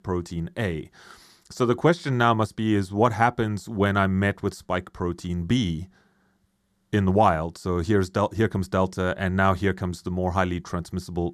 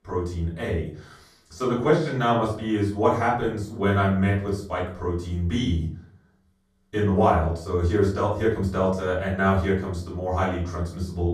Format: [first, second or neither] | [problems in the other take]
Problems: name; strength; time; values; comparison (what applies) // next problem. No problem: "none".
first | room echo; noticeable; dies away in 0.4 s // off-mic speech; far